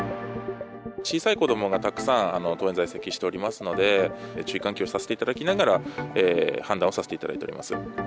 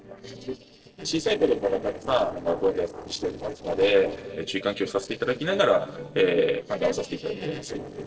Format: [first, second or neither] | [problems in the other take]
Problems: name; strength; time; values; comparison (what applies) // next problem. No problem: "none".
first | noise reduction (neural separator model SepFormer DNS4)